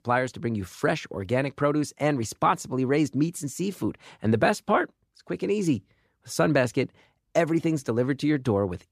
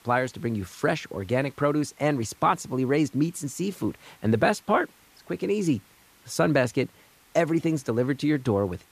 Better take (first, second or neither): first